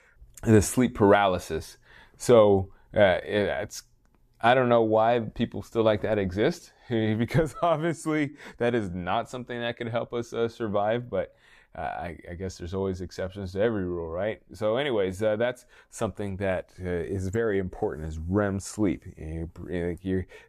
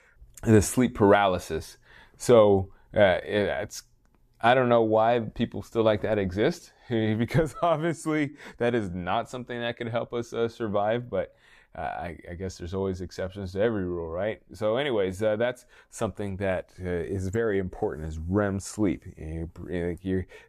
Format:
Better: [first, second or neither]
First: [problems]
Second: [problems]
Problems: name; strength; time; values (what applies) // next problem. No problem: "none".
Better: neither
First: none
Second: none